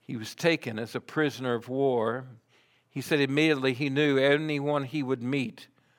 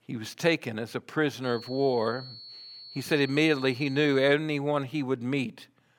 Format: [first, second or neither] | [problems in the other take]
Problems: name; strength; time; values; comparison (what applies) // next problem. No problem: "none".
first | high-pitched whine; noticeable; from 1.5 to 4.5 s; 4.5 kHz, 15 dB below the speech